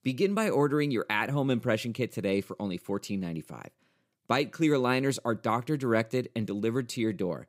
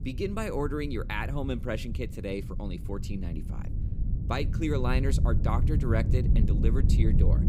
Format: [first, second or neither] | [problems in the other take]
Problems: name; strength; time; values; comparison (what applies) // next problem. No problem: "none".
first | wind noise on the microphone; heavy; 8 dB below the speech